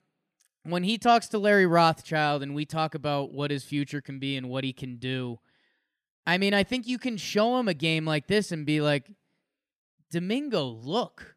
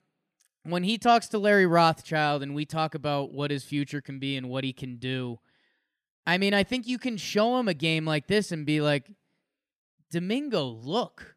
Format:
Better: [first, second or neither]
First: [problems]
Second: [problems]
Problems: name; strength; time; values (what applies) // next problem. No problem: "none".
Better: neither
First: none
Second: none